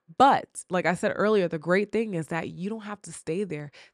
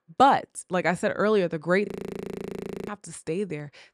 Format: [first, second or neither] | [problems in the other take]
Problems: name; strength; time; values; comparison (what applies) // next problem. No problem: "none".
first | audio freezing; at 2 s for 1 s